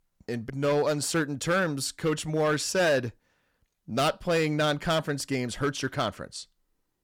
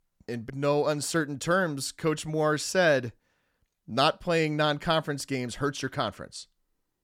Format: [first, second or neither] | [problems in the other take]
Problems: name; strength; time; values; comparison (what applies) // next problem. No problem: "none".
second | distortion; slight; 6% of the sound clipped